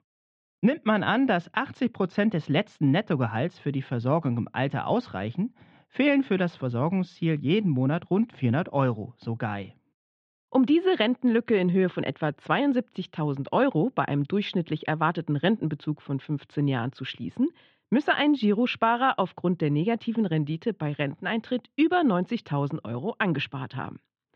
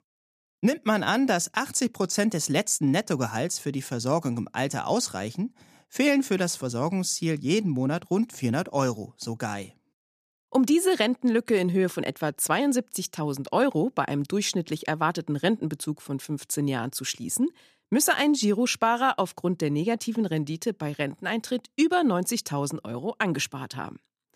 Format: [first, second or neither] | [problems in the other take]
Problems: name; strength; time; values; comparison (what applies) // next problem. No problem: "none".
second | muffled; very; fading above 3.5 kHz